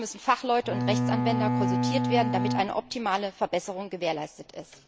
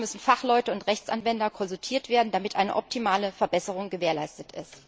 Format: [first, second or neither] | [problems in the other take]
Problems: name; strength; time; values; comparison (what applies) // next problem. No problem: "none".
second | background sound (Bowed string instrument); 2 dB above the speech